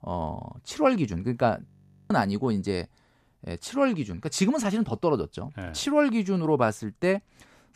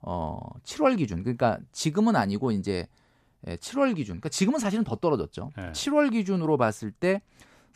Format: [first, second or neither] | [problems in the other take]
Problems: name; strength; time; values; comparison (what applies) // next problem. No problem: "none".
second | audio freezing; at 1.5 s